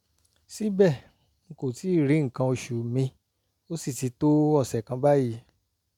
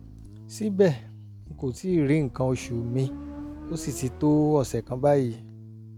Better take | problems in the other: first | background sound (Bass guitar + Motorcycle); 15 dB below the speech

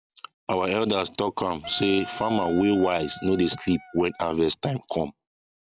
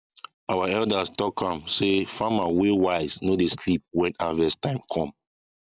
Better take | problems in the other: second | background sound (Wind instrument, woodwind instrument); 16 dB below the speech

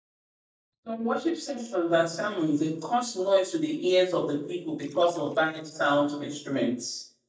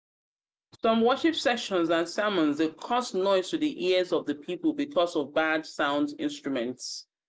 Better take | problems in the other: second | noise reduction (neural mask model DeepFilterNet 3)

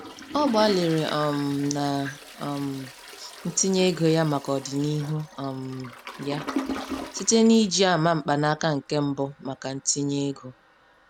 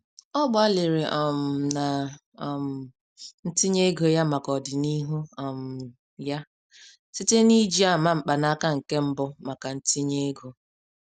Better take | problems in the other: second | background sound (Toilet flush); 14 dB below the speech

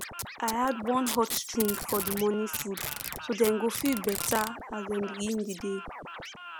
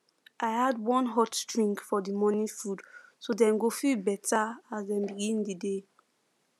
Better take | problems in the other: second | background sound (Packing tape, duct tape + Scratching (performance technique)); 7 dB below the speech

